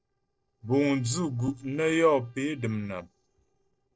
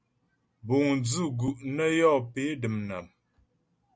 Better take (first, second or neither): second